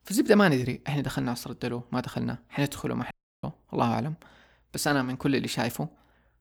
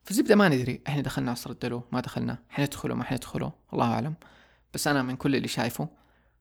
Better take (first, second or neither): second